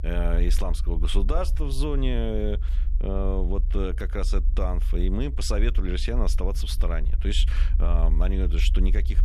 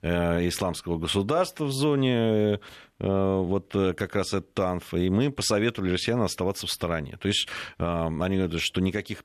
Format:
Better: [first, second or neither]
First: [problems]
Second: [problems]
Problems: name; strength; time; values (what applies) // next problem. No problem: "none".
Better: second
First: low rumble; noticeable; throughout; 15 dB below the speech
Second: none